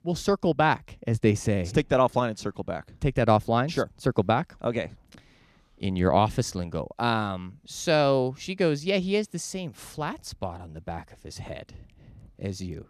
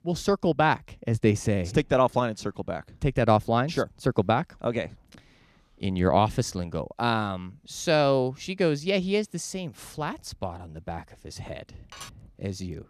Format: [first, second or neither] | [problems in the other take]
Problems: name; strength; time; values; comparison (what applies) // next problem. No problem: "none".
first | clattering dishes; faint; at 12 s; peak 15 dB below the speech